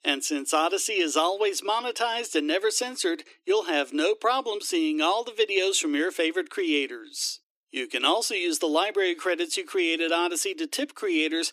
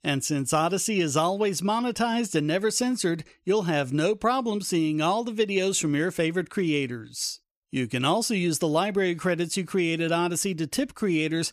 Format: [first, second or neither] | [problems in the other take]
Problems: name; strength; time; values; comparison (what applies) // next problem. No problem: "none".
second | thin; somewhat; fading below 300 Hz